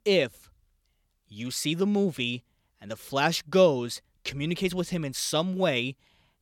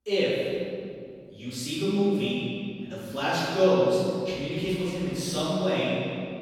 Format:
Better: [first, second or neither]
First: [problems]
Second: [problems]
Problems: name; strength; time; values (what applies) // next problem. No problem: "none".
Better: first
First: none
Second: off-mic speech; far // room echo; strong; dies away in 2.3 s